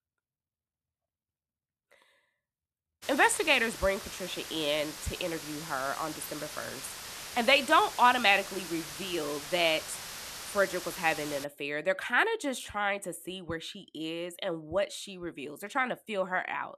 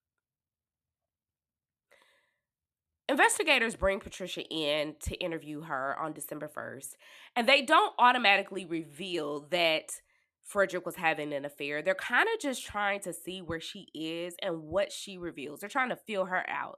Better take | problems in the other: second | hiss; noticeable; from 3 to 11 s; 10 dB below the speech

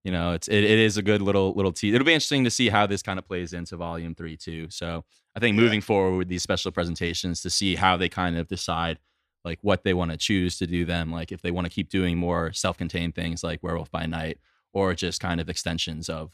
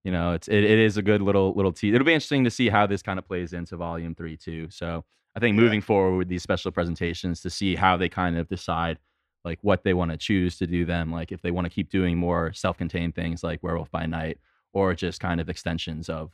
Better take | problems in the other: first | muffled; slightly; fading above 3.5 kHz

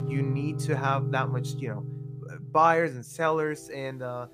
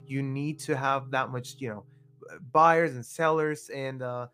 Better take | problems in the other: second | background music; loud; throughout; 5 dB below the speech; faint in the second

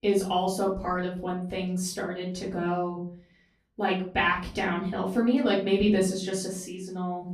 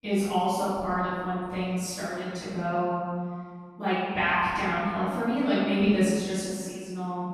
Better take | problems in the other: first | room echo; strong; dies away in 1.8 s; slight in the first // off-mic speech; far; far in the first

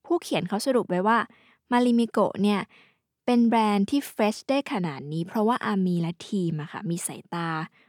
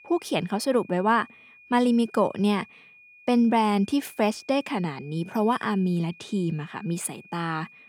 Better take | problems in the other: first | high-pitched whine; faint; throughout; 2.5 kHz, 25 dB below the speech

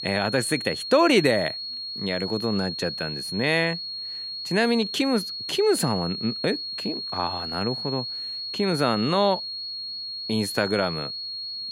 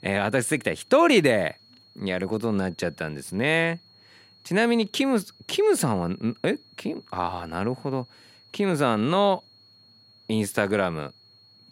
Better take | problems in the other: second | high-pitched whine; loud; throughout; 4.5 kHz, 5 dB below the speech; faint in the second

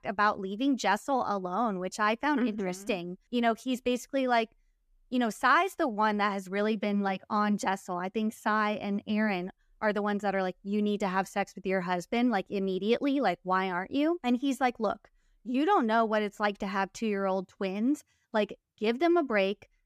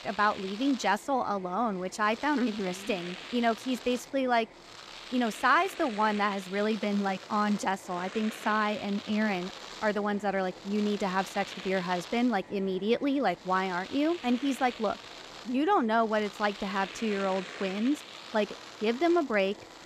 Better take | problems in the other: first | household noises; noticeable; throughout; 15 dB below the speech

